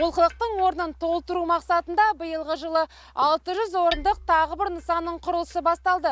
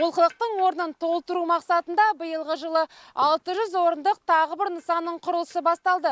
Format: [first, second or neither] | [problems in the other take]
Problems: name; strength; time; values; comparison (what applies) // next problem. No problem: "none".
second | background sound (Hammer); 19 dB below the speech